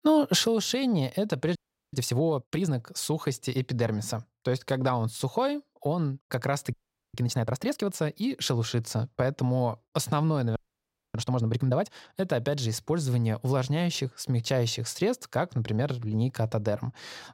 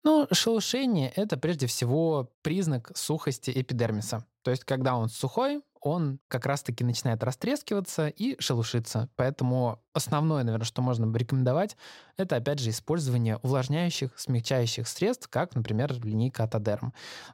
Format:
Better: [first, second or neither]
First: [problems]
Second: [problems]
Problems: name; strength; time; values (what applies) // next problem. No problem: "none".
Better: second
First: audio freezing; at 1.5 s, at 6.5 s and at 11 s for 0.5 s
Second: none